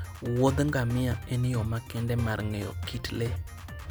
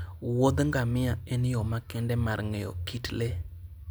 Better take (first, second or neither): second